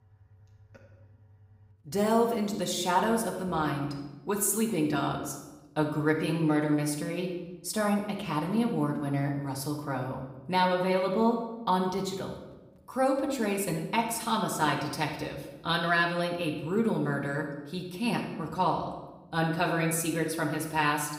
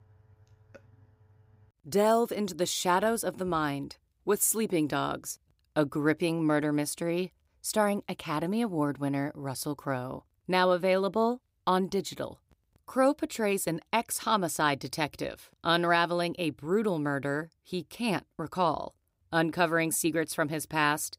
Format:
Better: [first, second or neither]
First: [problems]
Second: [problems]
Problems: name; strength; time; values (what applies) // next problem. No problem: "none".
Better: second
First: room echo; noticeable; dies away in 0.9 s // off-mic speech; far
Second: none